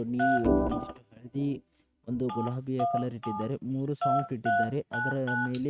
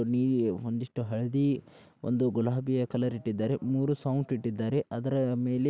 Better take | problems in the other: second | noise reduction (neural mask model RNNoise)

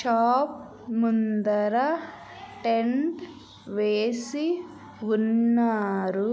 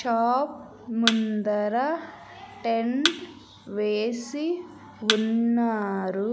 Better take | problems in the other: first | background sound (Thump, thud); 5 dB below the speech

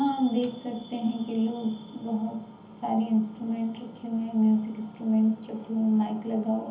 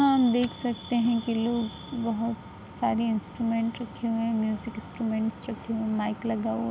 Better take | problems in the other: second | room echo; dies away in 0.7 s

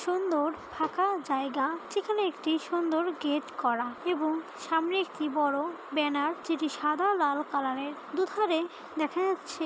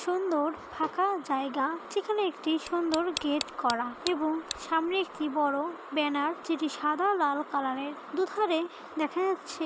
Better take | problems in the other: first | background sound (Tick); 12 dB below the speech

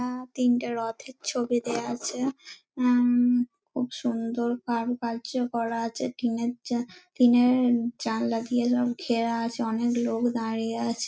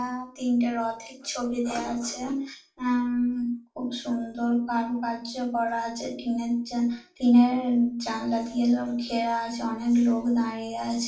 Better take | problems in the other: first | room echo; dies away in 0.4 s

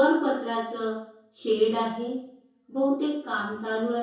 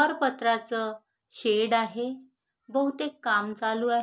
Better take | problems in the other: second | room echo; dies away in 0.6 s

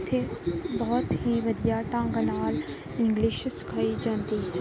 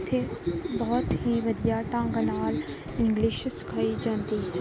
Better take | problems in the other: first | background sound (Car); 17 dB below the speech

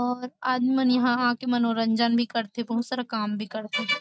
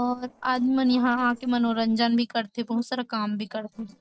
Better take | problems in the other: first | noise reduction (neural separator model SepFormer DNS4)

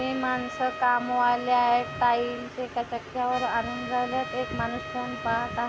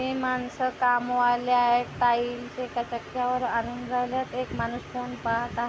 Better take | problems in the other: second | background sound (Trumpet); 11 dB below the speech

